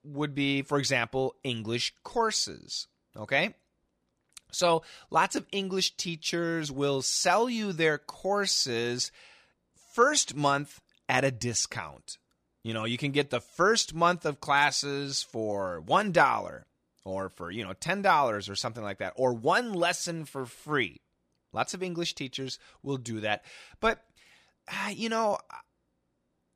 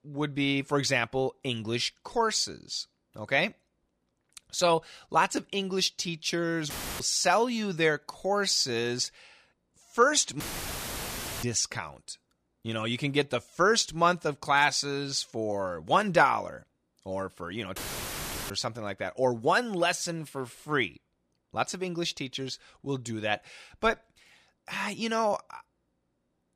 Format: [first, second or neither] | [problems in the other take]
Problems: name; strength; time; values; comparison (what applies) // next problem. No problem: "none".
first | audio cutting out; filled with static; at 6.5 s, at 10 s for 1 s and at 18 s for 0.5 s